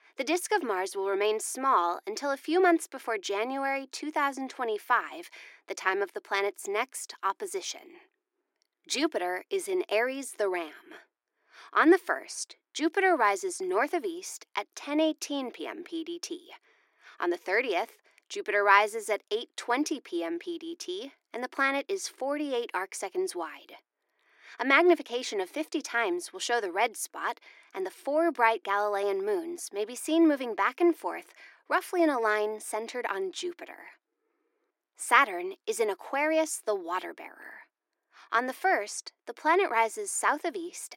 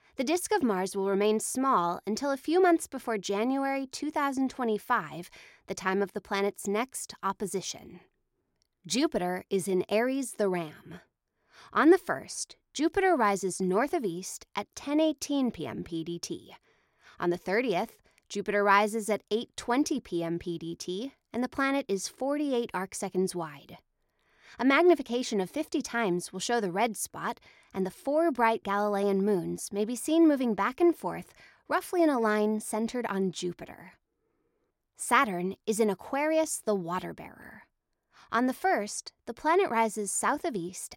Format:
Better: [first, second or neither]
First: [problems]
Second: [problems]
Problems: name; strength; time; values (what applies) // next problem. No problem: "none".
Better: second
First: thin; somewhat; fading below 300 Hz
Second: none